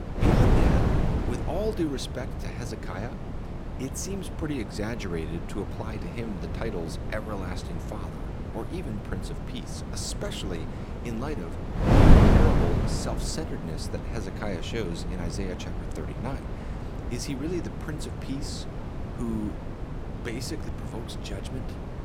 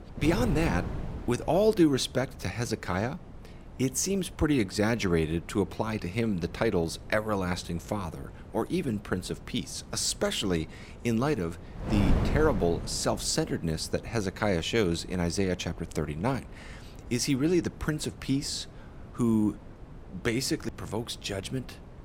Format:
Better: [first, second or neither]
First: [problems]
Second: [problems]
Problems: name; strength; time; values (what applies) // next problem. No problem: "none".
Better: second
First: wind noise on the microphone; heavy; 2 dB above the speech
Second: wind noise on the microphone; occasional gusts; 15 dB below the speech